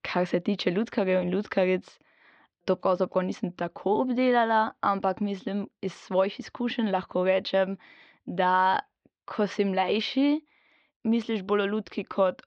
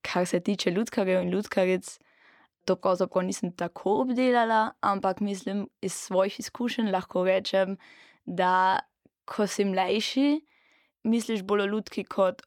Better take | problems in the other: second | muffled; very slightly; fading above 4.5 kHz

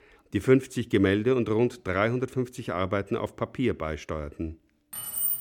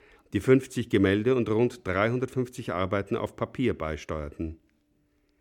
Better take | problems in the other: second | jangling keys; loud; at 5 s; peak 1 dB above the speech

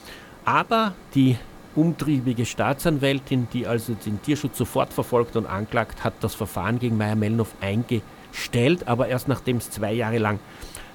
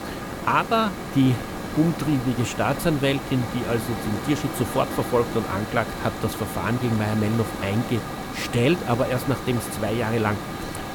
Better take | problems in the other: first | hiss; loud; throughout; 7 dB below the speech; faint in the first

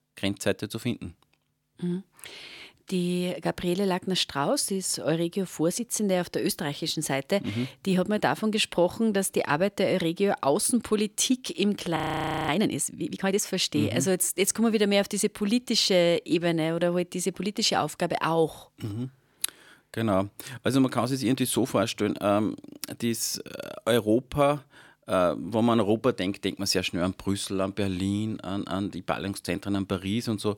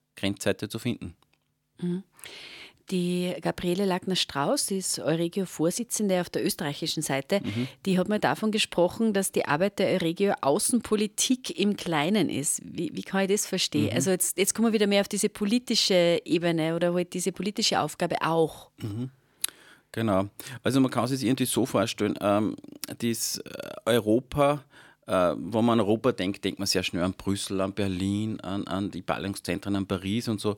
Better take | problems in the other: second | audio freezing; at 12 s for 0.5 s

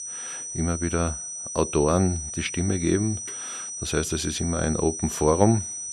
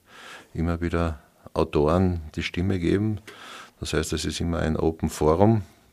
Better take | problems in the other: second | high-pitched whine; loud; throughout; 6 kHz, 6 dB below the speech

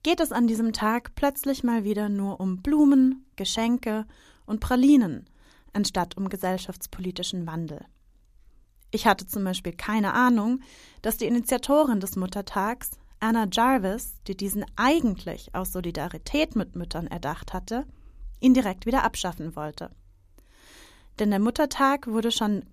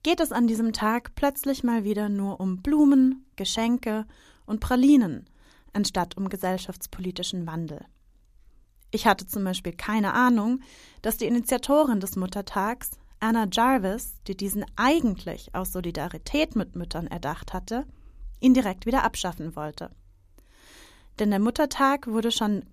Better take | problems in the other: neither | none

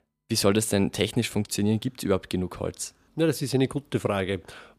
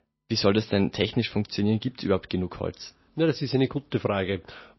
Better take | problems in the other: first | garbled, watery; slightly; nothing above 5.5 kHz

